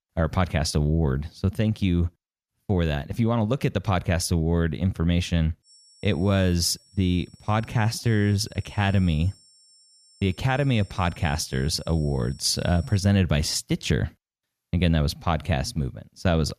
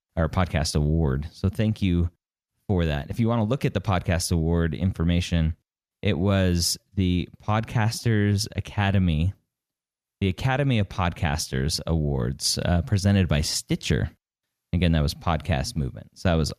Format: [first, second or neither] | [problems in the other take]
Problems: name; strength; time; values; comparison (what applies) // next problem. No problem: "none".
second | high-pitched whine; faint; from 5.5 to 13 s; 5.5 kHz, 25 dB below the speech